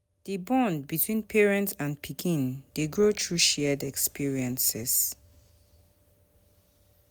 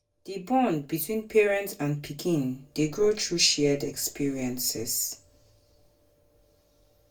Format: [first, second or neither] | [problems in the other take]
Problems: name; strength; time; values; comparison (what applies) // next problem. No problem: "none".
first | room echo; dies away in 0.2 s